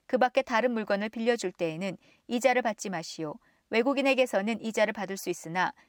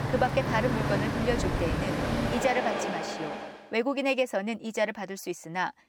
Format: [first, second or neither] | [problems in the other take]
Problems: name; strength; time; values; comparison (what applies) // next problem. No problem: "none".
first | traffic noise; loud; until 3.5 s; as loud as the speech